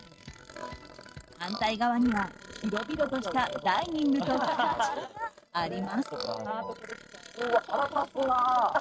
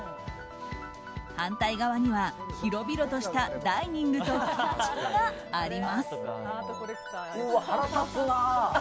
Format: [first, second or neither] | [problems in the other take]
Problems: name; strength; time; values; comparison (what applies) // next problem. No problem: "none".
second | noise reduction (neural mask model RNNoise)